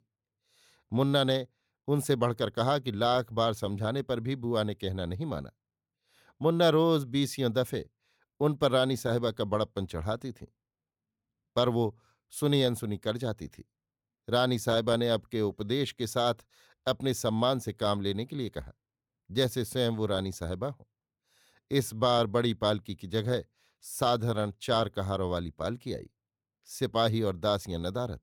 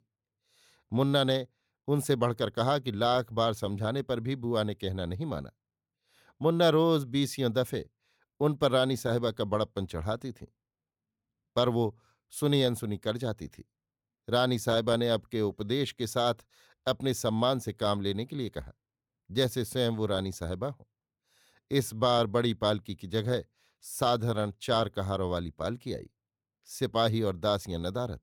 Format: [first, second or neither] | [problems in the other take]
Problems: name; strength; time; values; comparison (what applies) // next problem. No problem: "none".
neither | none